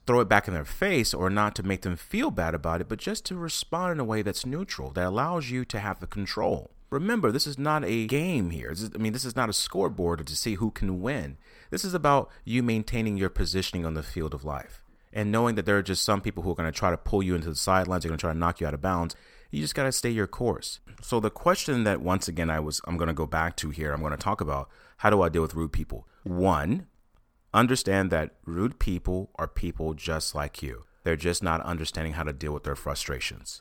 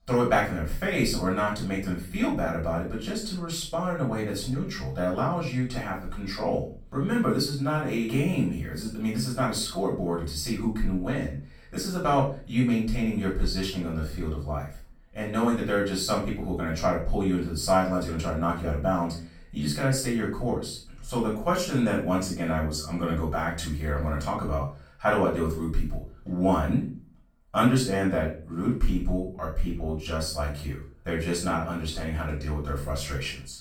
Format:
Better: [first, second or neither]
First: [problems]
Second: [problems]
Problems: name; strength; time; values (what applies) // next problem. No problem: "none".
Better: first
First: none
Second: off-mic speech; far // room echo; noticeable; dies away in 0.4 s